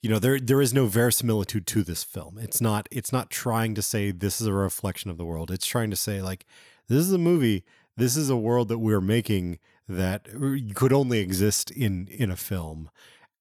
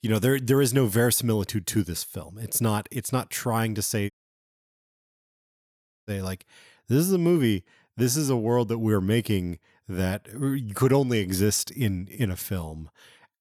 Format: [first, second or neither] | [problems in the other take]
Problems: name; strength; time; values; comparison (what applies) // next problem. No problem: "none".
first | audio cutting out; at 4 s for 2 s